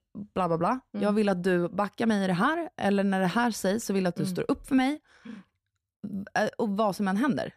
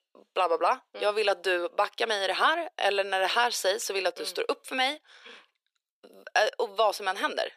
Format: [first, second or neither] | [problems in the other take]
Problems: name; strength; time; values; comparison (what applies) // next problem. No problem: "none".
first | thin; very; fading below 400 Hz